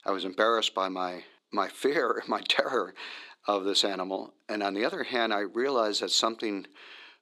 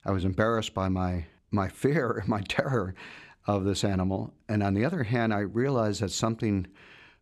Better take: second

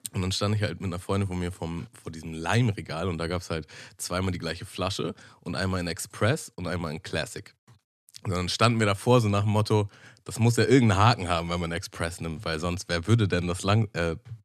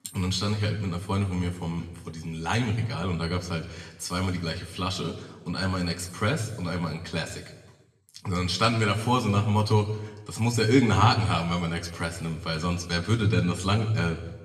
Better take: first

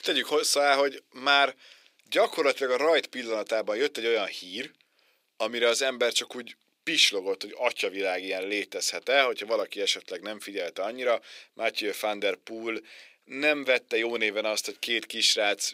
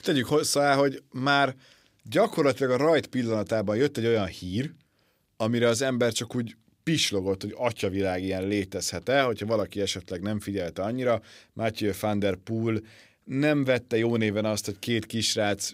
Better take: second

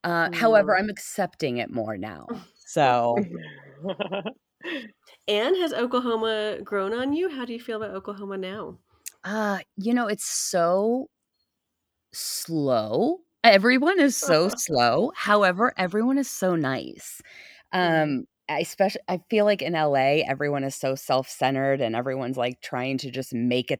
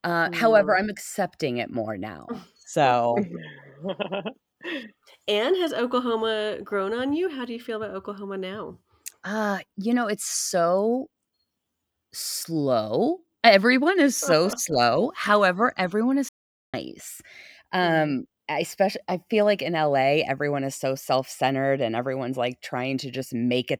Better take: first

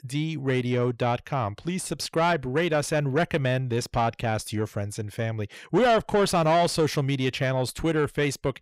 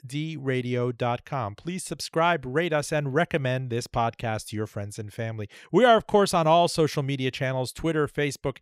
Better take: second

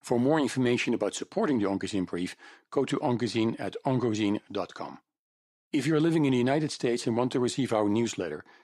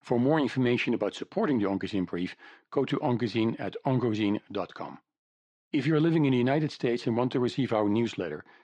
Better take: first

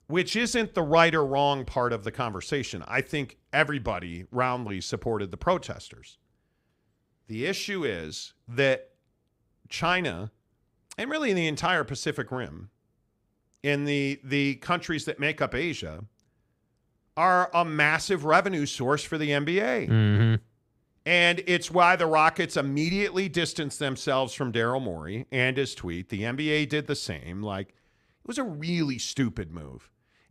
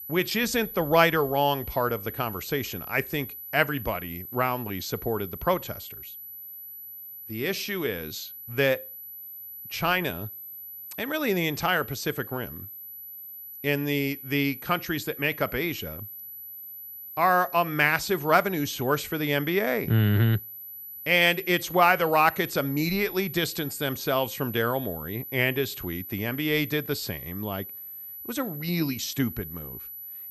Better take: first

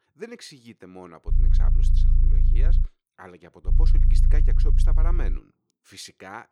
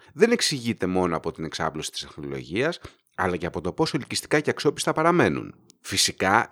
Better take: second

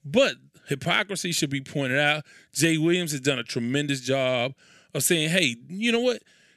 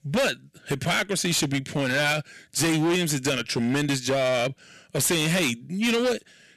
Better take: first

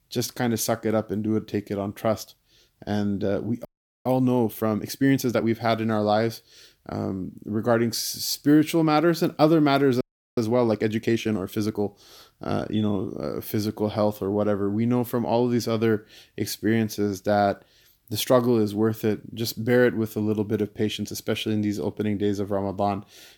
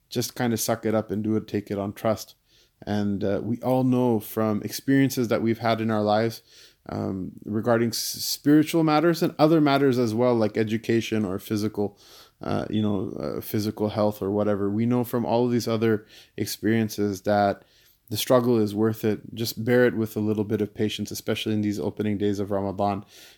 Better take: second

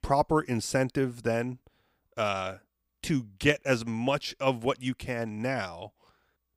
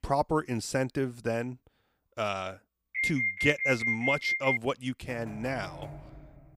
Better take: first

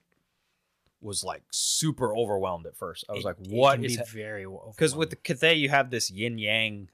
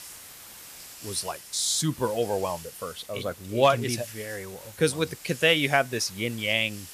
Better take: first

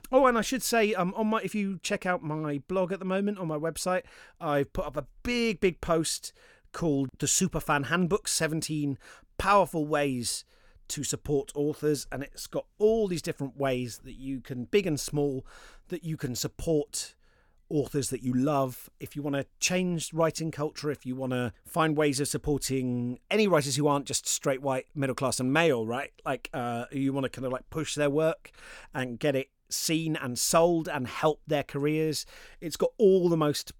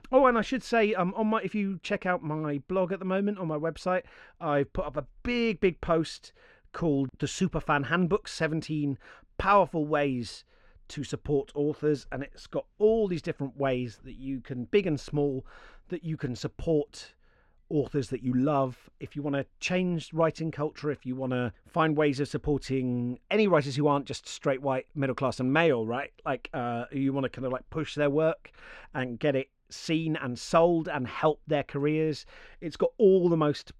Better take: first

